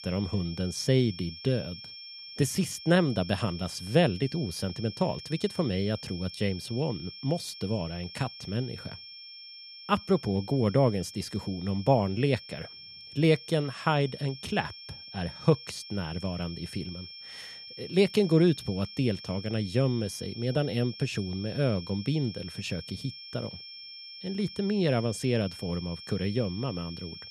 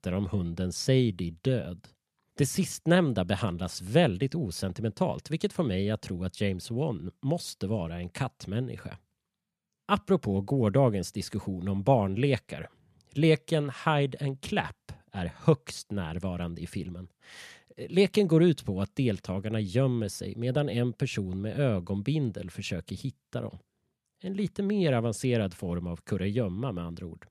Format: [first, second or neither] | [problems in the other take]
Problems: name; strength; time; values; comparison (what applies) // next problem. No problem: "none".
second | high-pitched whine; noticeable; throughout; 5.5 kHz, 15 dB below the speech